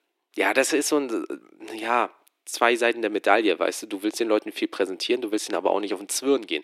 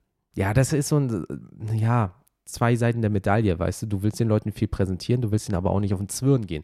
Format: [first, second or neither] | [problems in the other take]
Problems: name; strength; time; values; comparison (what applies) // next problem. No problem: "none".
second | thin; very; fading below 300 Hz